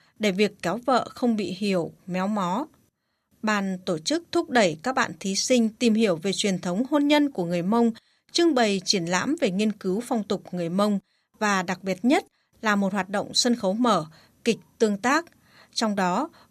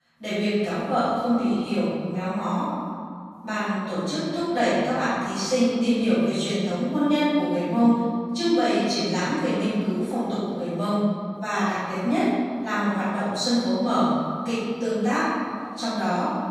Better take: first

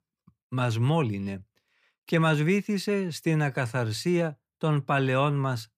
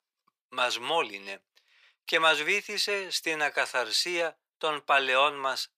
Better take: first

